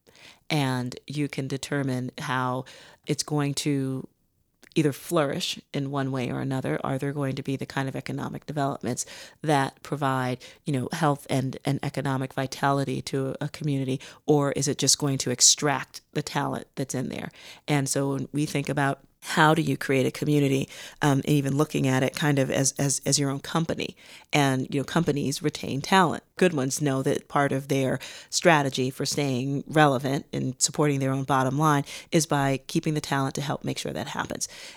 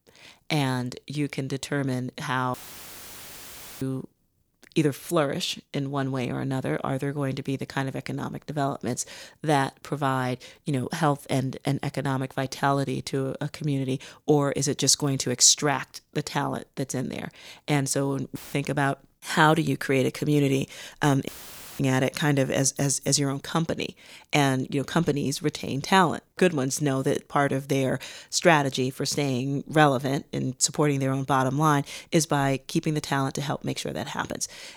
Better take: first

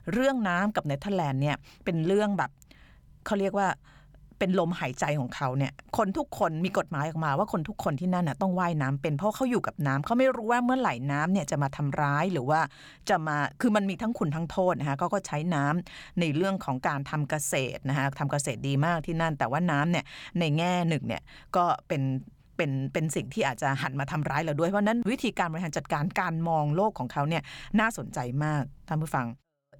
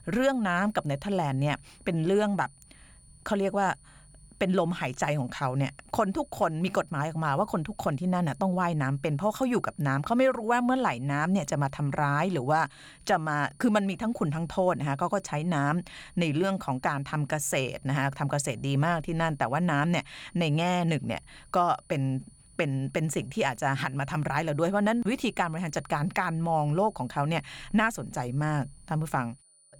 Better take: first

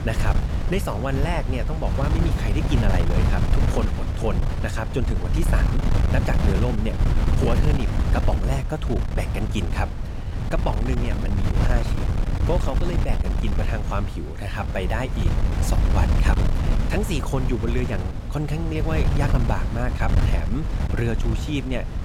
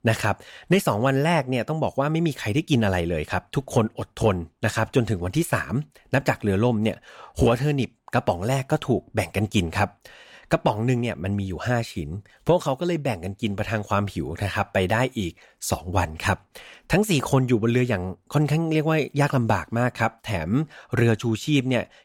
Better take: second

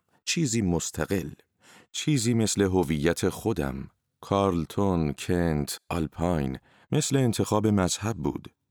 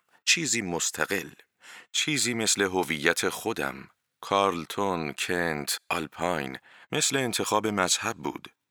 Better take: first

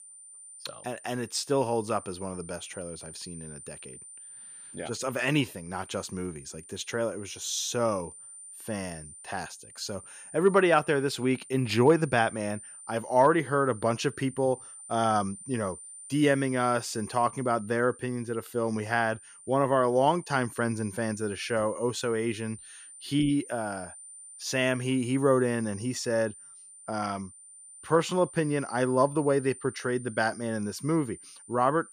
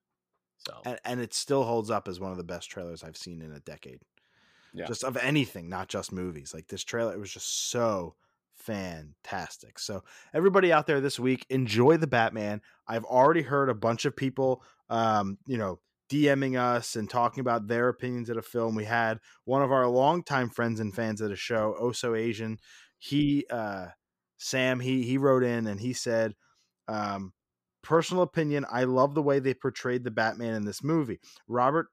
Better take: second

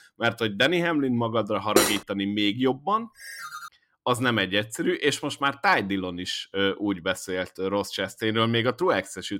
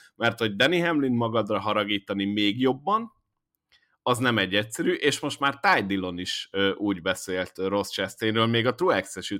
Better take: second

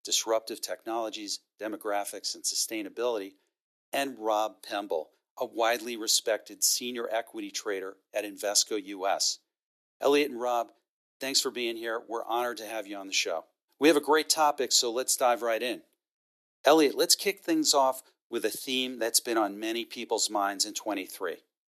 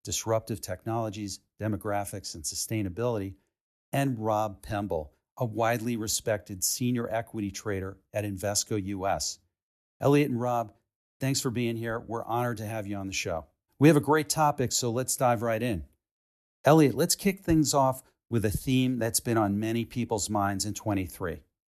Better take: second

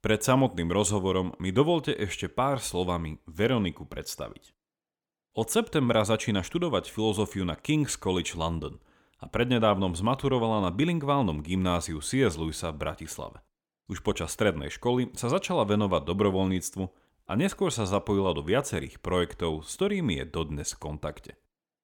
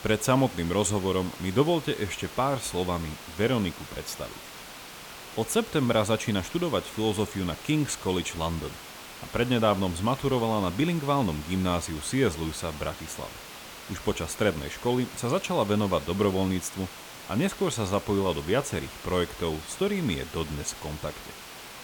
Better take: first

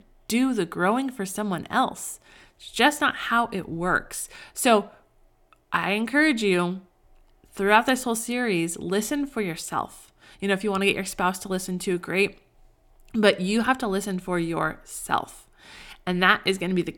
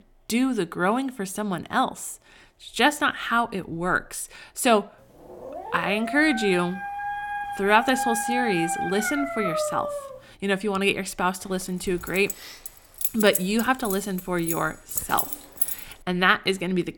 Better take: first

